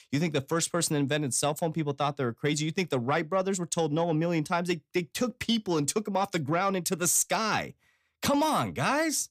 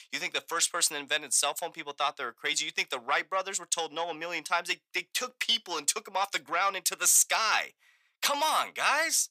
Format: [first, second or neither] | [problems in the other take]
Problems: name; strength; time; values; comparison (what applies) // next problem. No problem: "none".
first | thin; very; fading below 950 Hz